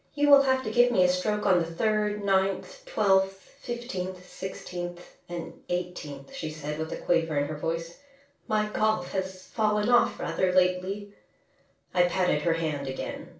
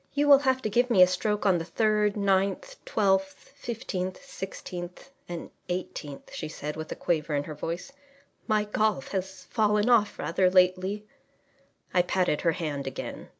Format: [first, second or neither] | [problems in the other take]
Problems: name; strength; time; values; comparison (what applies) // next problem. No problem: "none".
second | room echo; dies away in 0.3 s